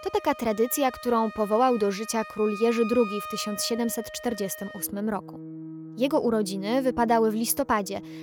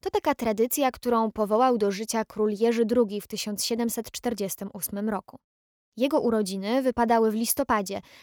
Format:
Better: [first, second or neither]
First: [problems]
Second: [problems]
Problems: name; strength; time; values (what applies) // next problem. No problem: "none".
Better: second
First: background music; noticeable; throughout; 15 dB below the speech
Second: none